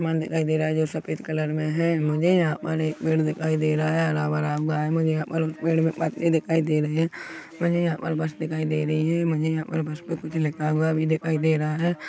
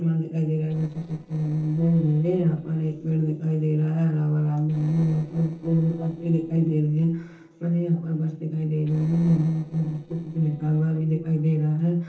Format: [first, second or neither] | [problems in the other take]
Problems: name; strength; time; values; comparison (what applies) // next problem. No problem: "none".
first | noise reduction (neural separator model SepFormer DNS4)